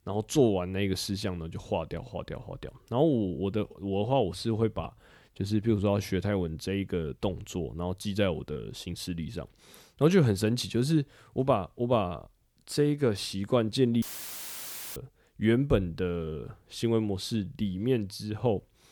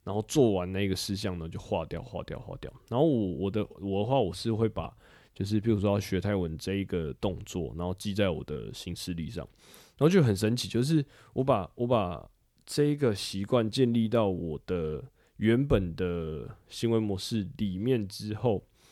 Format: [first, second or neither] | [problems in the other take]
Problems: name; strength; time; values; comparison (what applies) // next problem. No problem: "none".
second | audio cutting out; filled with static; at 14 s for 1 s